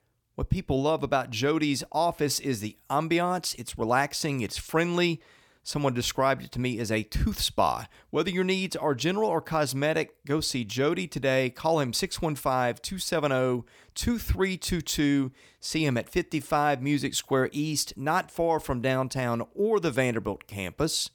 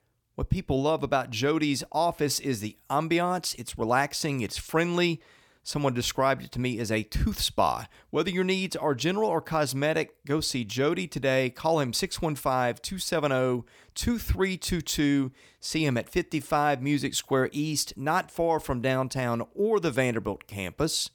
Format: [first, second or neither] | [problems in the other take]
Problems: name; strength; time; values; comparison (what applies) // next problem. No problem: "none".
neither | none